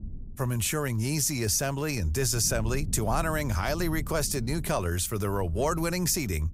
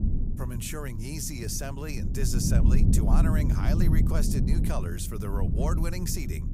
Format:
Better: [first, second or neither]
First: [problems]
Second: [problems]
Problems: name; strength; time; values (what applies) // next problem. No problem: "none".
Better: first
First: low rumble; faint; throughout; 25 dB below the speech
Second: low rumble; loud; throughout; 3 dB below the speech